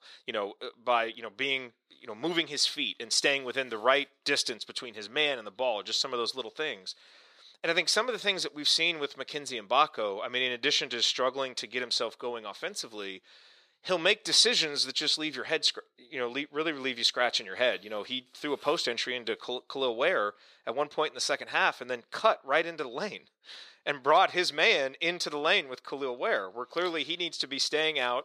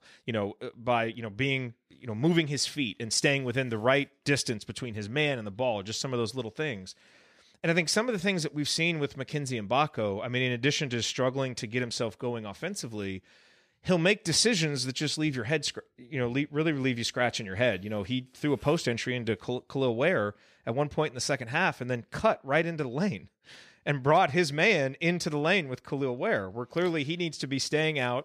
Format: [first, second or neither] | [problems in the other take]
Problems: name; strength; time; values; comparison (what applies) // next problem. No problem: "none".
second | thin; somewhat; fading below 450 Hz